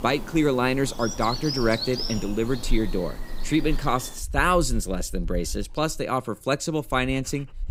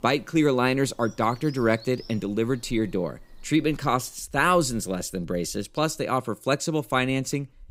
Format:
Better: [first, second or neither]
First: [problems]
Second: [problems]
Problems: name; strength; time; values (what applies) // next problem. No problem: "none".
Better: second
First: animal sounds; loud; throughout; 9 dB below the speech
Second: animal sounds; faint; throughout; 25 dB below the speech